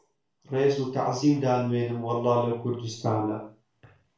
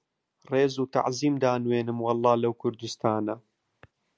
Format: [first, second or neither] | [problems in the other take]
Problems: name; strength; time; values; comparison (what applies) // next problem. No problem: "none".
second | room echo; dies away in 0.4 s